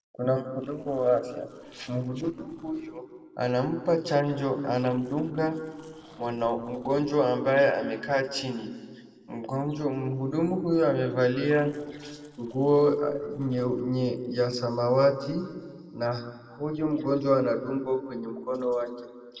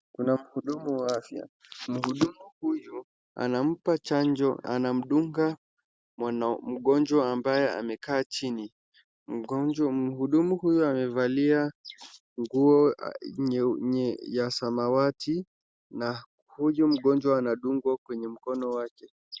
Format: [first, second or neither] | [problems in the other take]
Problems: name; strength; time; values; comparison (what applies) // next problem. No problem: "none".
second | noise reduction (neural separator model SepFormer DNS4)